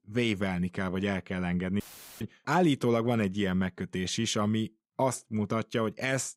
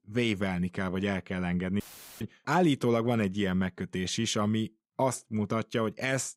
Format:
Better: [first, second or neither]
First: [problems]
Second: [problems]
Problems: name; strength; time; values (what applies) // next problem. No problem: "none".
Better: neither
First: audio cutting out; filled with static; at 2 s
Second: audio cutting out; filled with static; at 2 s